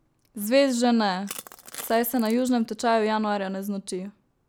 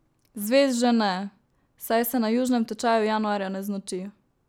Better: second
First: background sound (Crushing); 18 dB below the speech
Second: none

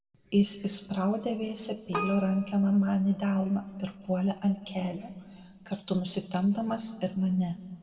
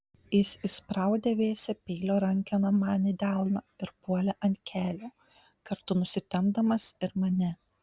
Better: second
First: background sound (Keyboard (musical)); 14 dB below the speech // room echo; dies away in 1.4 s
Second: none

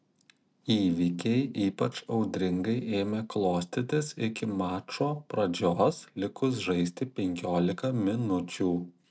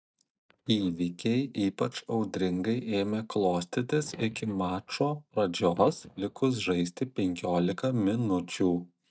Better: first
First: none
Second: noise reduction (neural mask model DeepFilterNet 3)

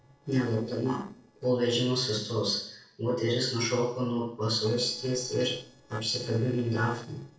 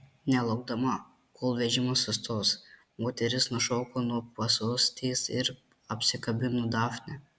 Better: second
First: noise reduction (neural separator model SepFormer DNS4)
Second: none

